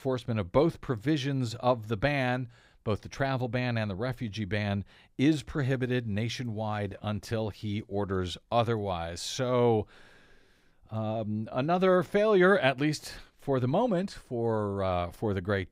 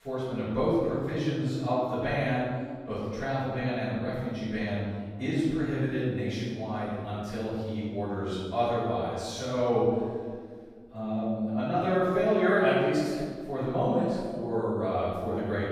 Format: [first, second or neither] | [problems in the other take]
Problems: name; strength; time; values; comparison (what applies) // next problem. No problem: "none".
first | room echo; strong; dies away in 1.6 s // off-mic speech; far